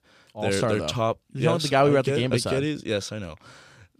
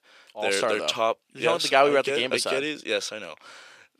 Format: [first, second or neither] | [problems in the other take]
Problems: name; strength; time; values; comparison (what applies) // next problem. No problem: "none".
first | thin; somewhat; fading below 450 Hz